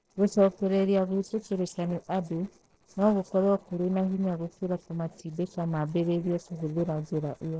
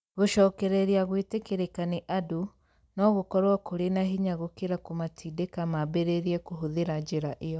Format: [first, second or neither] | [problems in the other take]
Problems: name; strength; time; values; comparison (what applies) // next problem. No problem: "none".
second | noise reduction (neural separator model SepFormer DNS4)